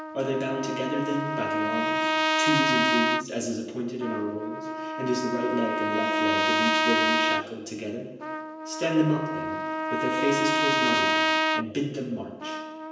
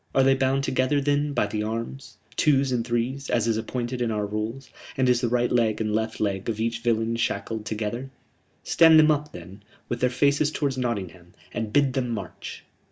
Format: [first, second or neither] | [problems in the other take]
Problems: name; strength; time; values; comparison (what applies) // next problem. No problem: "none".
second | background sound (Trumpet); 3 dB above the speech // room echo; dies away in 1 s